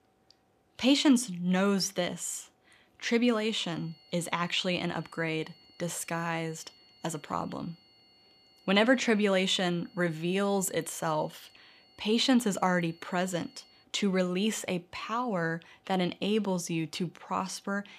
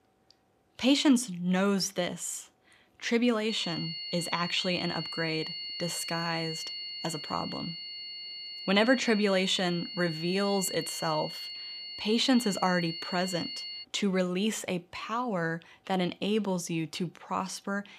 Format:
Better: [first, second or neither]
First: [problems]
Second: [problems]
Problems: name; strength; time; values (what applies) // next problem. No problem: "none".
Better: first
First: high-pitched whine; faint; from 3.5 to 14 s; 4.5 kHz, 30 dB below the speech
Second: high-pitched whine; loud; from 3.5 to 14 s; 4.5 kHz, 7 dB below the speech